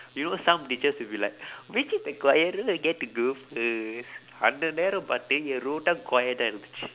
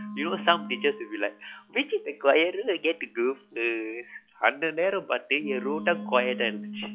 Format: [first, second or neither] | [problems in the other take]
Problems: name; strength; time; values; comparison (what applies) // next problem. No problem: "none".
first | noise reduction (classical method log-MMSE)